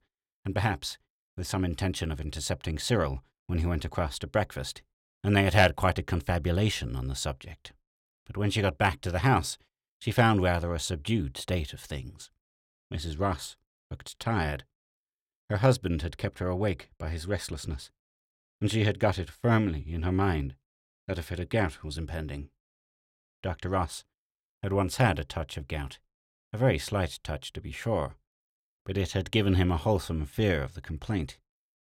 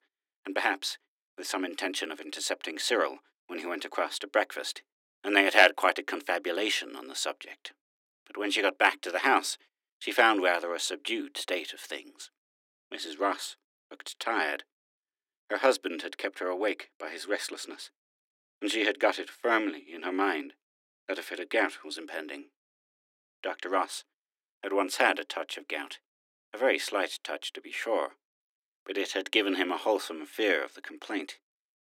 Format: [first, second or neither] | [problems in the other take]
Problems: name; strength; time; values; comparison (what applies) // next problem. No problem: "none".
first | thin; somewhat; fading below 300 Hz